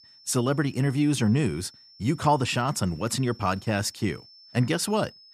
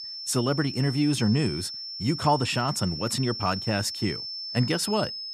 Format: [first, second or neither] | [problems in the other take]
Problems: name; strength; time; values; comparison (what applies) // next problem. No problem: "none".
first | high-pitched whine; loud; throughout; 5.5 kHz, 6 dB below the speech; faint in the first